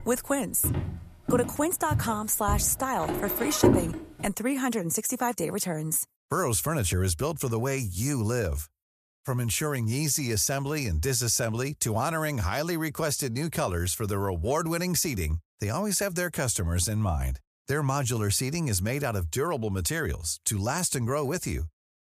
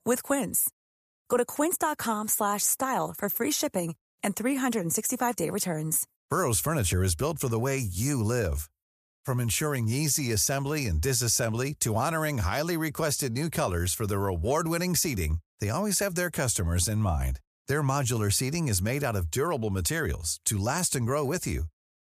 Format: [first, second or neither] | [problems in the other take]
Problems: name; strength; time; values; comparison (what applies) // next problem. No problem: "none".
second | footsteps; loud; from 0.5 to 4 s; peak 5 dB above the speech